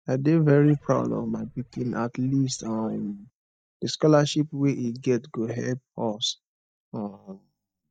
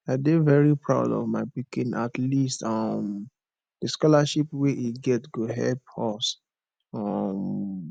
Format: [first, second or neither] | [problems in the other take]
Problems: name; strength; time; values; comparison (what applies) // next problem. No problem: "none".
second | noise reduction (neural mask model DeepFilterNet 3)